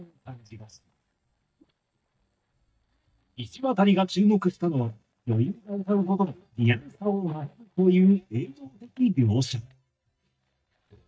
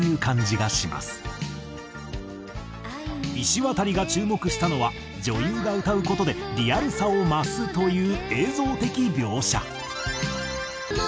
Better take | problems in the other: second | noise reduction (neural mask model DeepFilterNet 3)

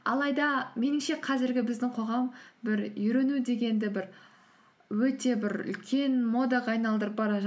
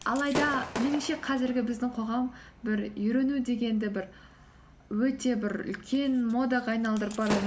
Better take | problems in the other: first | background sound (Gunshot, gunfire / Fireworks); 12 dB below the speech

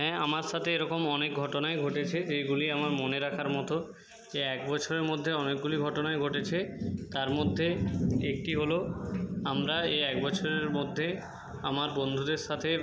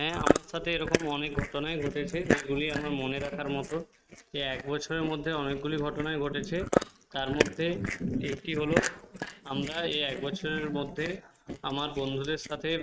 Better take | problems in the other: first | noise reduction (neural mask model RNNoise)

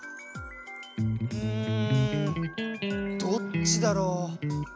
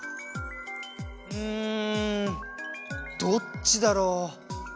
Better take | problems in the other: second | background sound (Electric guitar); 4 dB above the speech

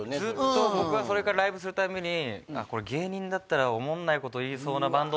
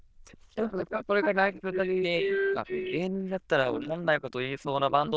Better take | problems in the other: first | noise reduction (neural diffusion model UNIVERSE++)

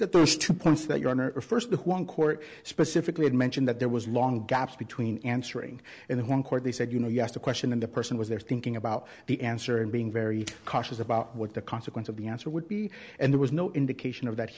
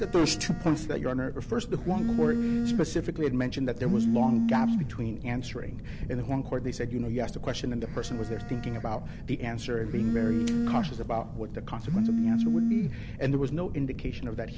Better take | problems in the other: first | background sound (Telephone); 1 dB above the speech

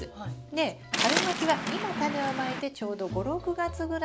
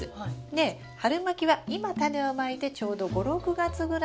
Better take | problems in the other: second | background sound (Waves, surf); 3 dB below the speech

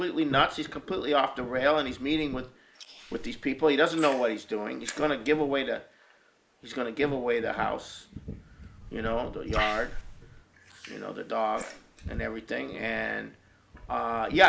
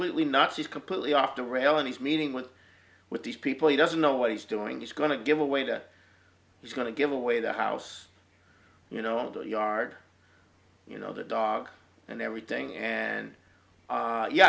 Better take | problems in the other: second | noise reduction (neural mask model Resemble Enhance denoiser)

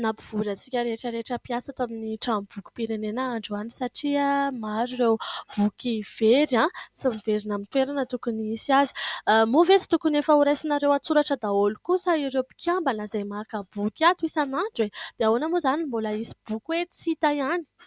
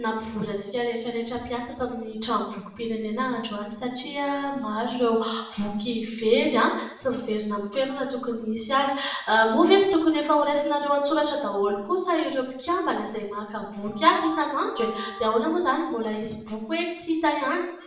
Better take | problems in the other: first | background sound (Organ); 10 dB below the speech // room echo; dies away in 0.7 s

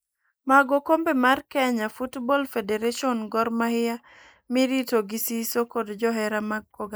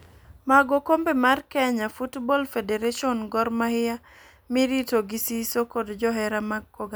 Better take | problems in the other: second | noise reduction (neural mask model Resemble Enhance denoiser)

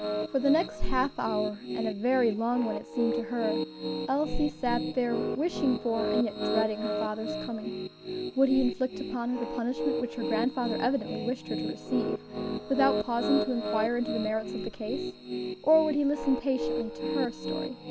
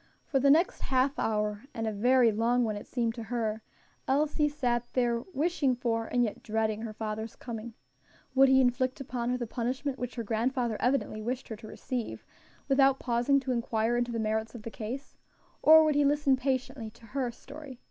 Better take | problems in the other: second | background sound (Piano); 4 dB below the speech

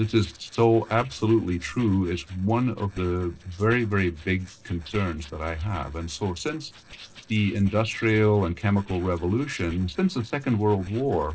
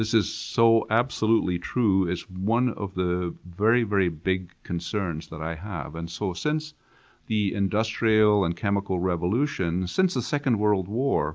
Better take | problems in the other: second | noise reduction (neural separator model SepFormer DNS4)

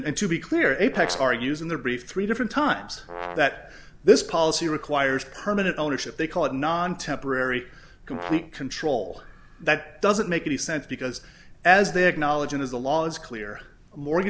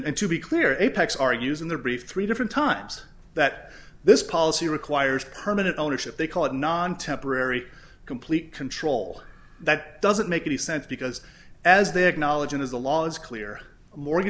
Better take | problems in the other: second | background sound (Brass instrument); 12 dB below the speech

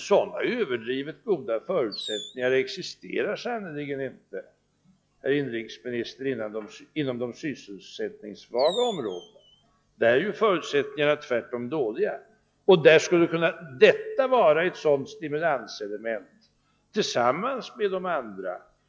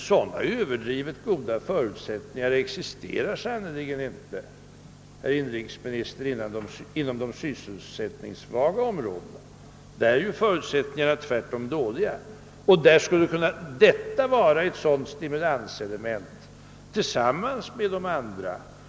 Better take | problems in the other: second | noise reduction (classical method log-MMSE)

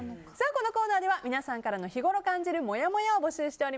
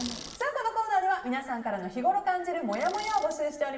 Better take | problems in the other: first | background sound (Bicycle); 18 dB below the speech // room echo; dies away in 0.9 s

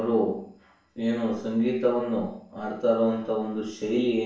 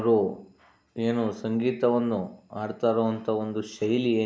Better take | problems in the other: second | room echo; dies away in 0.5 s

